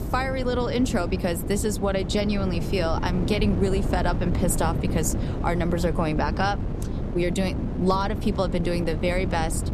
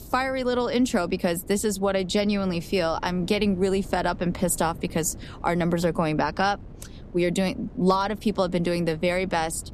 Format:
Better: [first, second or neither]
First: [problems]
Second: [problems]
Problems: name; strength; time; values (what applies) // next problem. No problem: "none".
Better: second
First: wind noise on the microphone; heavy; 9 dB below the speech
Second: wind noise on the microphone; occasional gusts; 25 dB below the speech